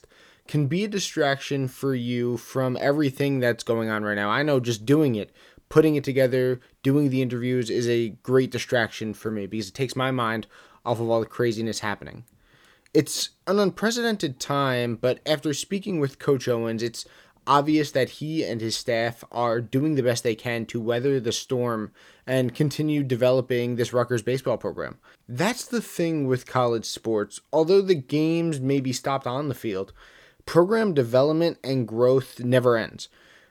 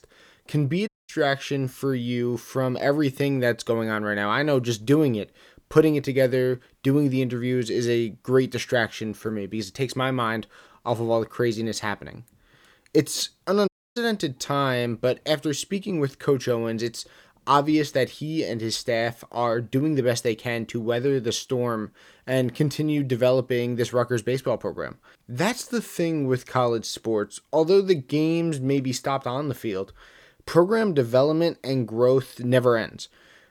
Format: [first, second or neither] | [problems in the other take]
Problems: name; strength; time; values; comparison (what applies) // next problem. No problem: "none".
first | audio cutting out; at 1 s and at 14 s